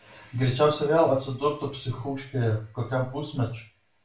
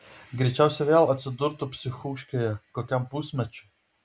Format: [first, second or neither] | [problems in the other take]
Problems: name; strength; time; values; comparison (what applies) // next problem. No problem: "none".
second | room echo; dies away in 0.3 s